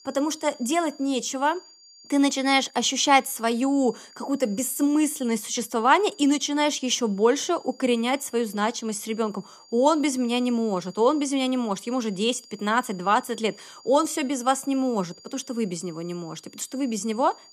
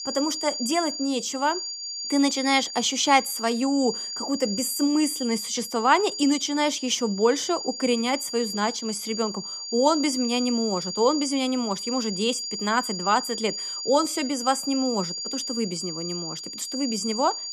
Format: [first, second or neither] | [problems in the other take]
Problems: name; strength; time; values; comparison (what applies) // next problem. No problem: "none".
first | high-pitched whine; loud; throughout; 5 kHz, 6 dB below the speech; faint in the first